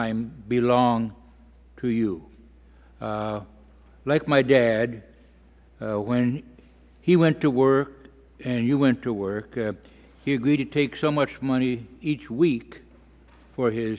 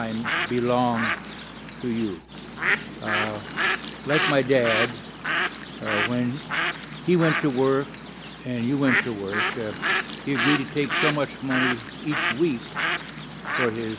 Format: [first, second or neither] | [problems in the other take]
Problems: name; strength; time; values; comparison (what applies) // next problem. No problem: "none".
first | background sound (Bird); 2 dB below the speech